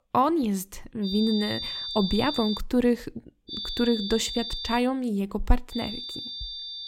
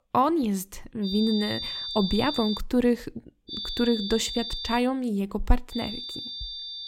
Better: neither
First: high-pitched whine; loud; from 1 to 2.5 s, from 3.5 to 5 s and from 5.5 s on; 3.5 kHz, 6 dB below the speech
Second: high-pitched whine; loud; from 1 to 2.5 s, from 3.5 to 5 s and from 5.5 s on; 3.5 kHz, 6 dB below the speech

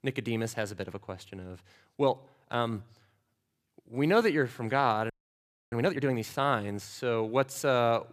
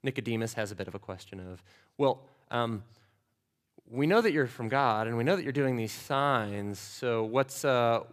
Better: second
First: audio freezing; at 5 s for 0.5 s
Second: none

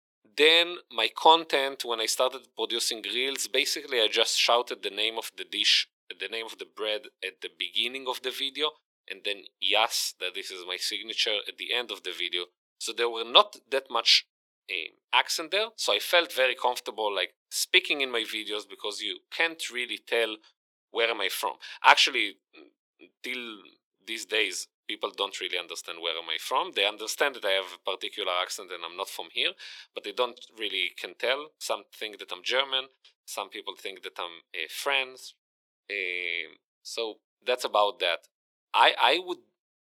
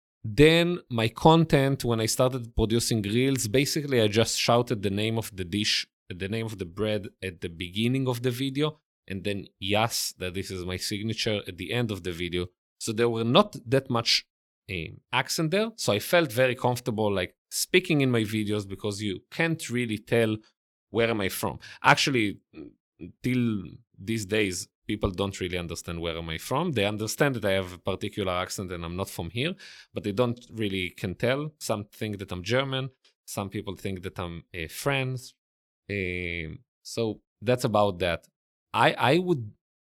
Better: second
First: thin; very; fading below 400 Hz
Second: none

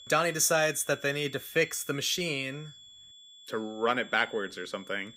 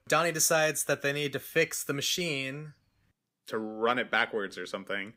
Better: second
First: high-pitched whine; noticeable; throughout; 3.5 kHz, 20 dB below the speech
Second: none

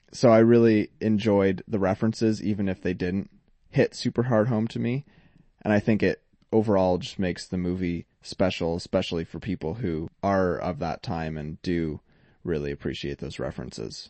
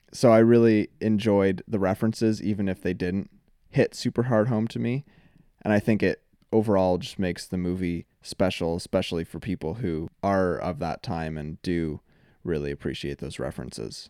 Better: second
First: garbled, watery; slightly; nothing above 8 kHz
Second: none

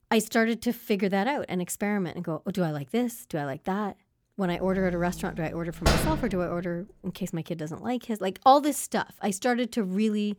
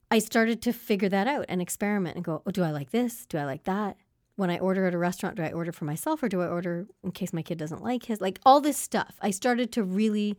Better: second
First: door banging; loud; at 6 s; peak 3 dB above the speech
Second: none

